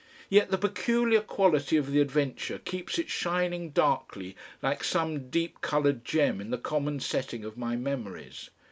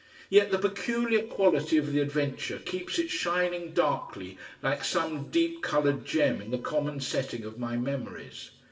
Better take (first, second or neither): first